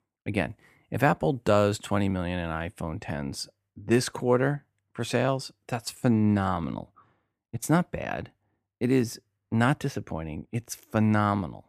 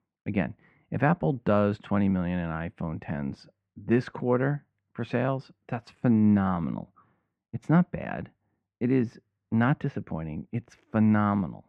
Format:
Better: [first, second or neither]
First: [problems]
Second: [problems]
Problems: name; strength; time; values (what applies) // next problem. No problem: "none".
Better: first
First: none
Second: muffled; very; fading above 2 kHz